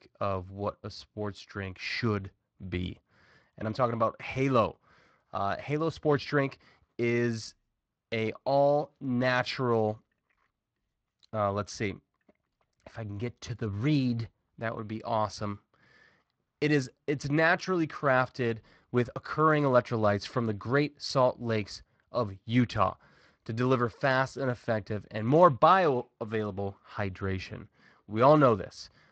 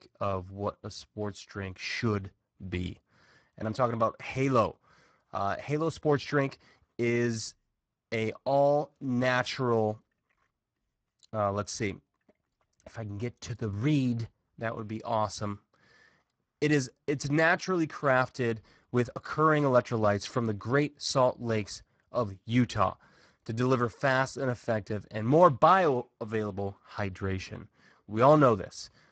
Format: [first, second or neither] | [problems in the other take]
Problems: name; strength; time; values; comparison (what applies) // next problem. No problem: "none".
first | garbled, watery; badly; nothing above 7.5 kHz; slightly in the first